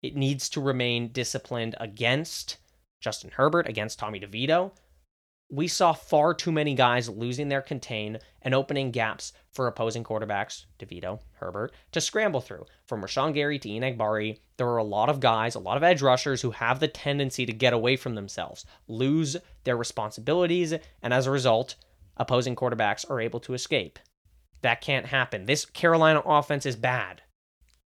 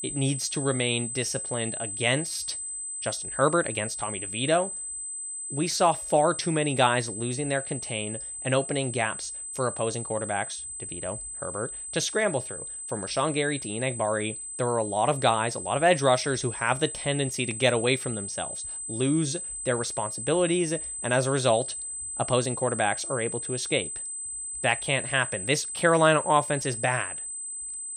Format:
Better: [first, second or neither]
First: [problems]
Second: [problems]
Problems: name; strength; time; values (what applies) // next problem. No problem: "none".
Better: first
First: none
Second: high-pitched whine; loud; throughout; 8 kHz, 6 dB below the speech